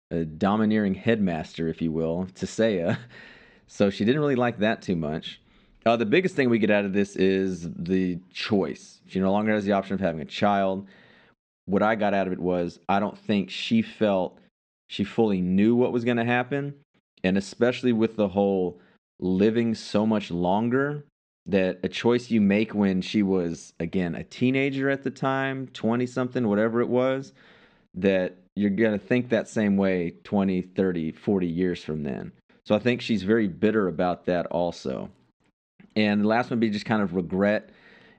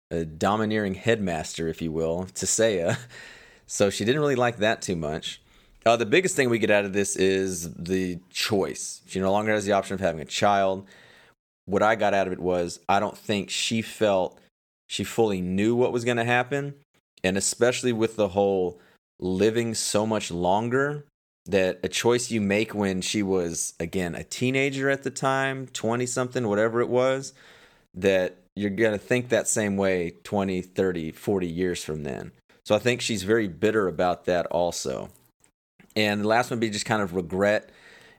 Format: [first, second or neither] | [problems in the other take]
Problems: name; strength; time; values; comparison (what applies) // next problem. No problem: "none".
second | muffled; slightly; fading above 4 kHz